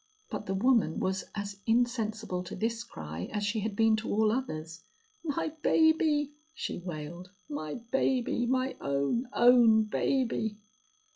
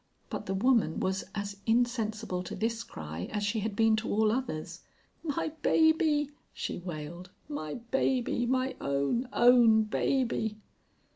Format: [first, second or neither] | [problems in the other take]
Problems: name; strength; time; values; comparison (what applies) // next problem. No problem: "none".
second | noise reduction (classical method log-MMSE)